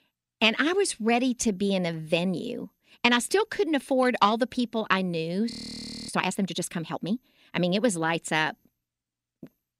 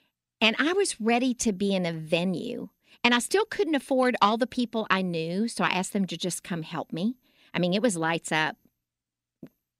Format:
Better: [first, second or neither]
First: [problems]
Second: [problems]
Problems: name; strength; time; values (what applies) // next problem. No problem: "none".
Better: second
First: audio freezing; at 5.5 s for 0.5 s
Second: none